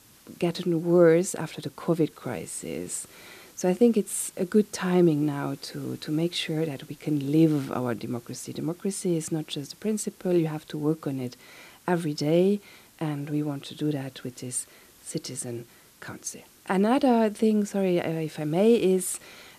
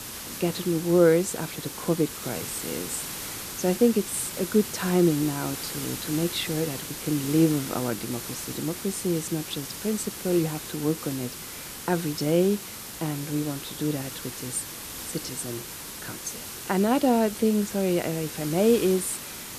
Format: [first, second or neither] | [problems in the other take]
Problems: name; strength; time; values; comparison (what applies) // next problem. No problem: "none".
first | hiss; loud; throughout; 8 dB below the speech; faint in the first